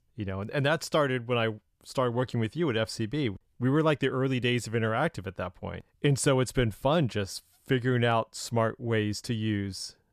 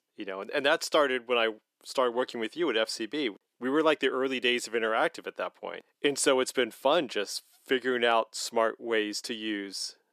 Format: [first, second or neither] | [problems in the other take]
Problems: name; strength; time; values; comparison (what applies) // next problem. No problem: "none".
first | thin; somewhat; fading below 300 Hz